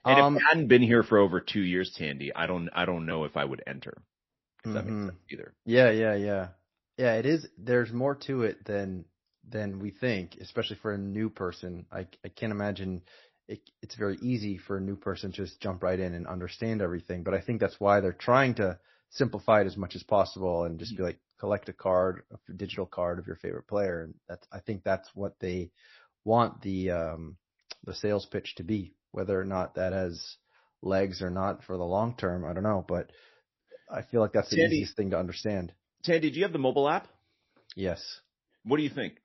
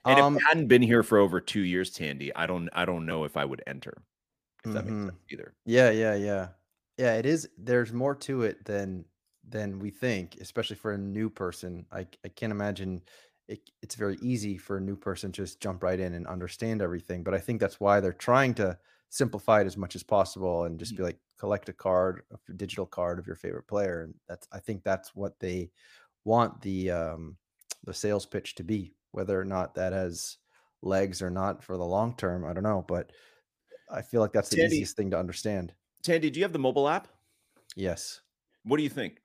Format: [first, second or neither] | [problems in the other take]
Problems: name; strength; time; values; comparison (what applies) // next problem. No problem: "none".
second | garbled, watery; slightly; nothing above 5.5 kHz